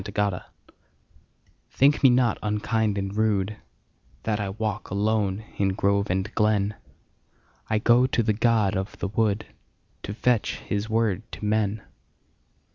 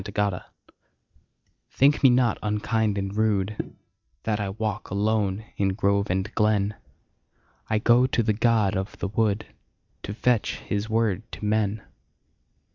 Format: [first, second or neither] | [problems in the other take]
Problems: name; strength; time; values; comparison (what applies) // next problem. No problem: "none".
first | noise reduction (neural mask model DeepFilterNet 3)